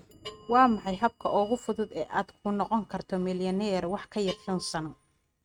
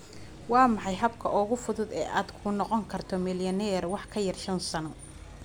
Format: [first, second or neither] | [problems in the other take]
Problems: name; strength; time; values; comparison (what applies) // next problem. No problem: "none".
second | noise reduction (neural mask model RNNoise)